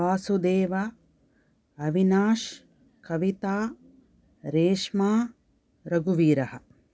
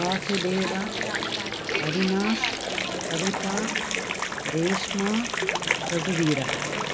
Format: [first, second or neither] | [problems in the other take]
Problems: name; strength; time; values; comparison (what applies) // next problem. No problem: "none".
first | background sound (Water); 1 dB above the speech